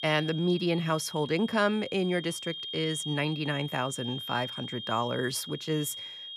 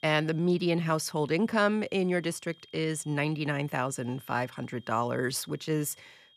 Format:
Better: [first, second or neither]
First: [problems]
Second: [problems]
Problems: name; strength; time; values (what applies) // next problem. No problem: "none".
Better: second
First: high-pitched whine; loud; throughout; 3 kHz, 8 dB below the speech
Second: high-pitched whine; faint; throughout; 3 kHz, 30 dB below the speech